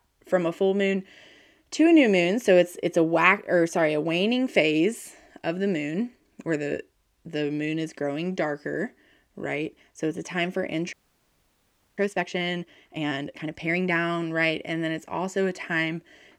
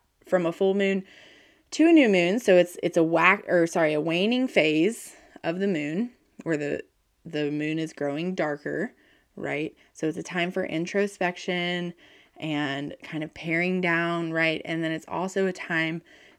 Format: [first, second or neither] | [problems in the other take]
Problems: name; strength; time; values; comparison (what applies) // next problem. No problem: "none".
second | audio freezing; at 11 s for 1 s